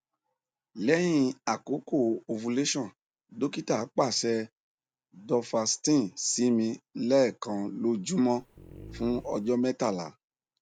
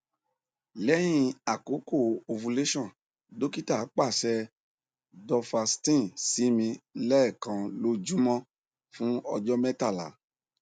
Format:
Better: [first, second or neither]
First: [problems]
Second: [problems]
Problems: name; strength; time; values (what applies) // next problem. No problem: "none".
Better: second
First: background sound (Dog); 17 dB below the speech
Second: none